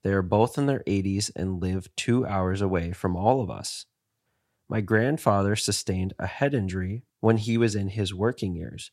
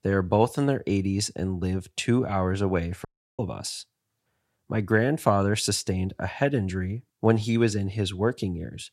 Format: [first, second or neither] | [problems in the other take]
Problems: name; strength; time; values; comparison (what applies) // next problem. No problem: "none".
first | audio cutting out; at 3 s